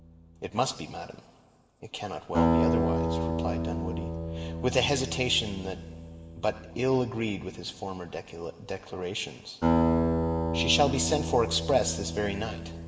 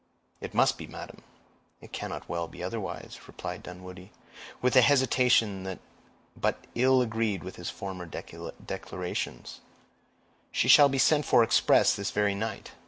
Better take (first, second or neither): second